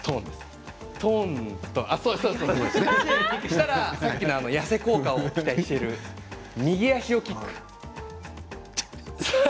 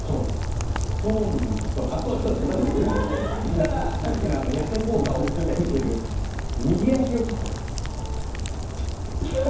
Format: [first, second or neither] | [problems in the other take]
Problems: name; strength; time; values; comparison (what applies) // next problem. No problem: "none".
first | background sound (Rain); 1 dB below the speech // room echo; dies away in 0.9 s